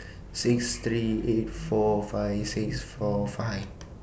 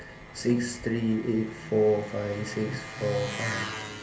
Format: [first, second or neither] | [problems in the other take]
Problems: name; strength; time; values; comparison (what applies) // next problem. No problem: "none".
first | background sound (Engine); 11 dB below the speech // room echo; dies away in 0.3 s